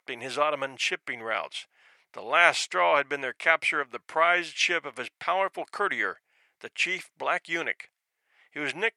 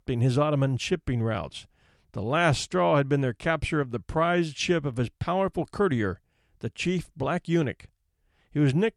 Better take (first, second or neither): second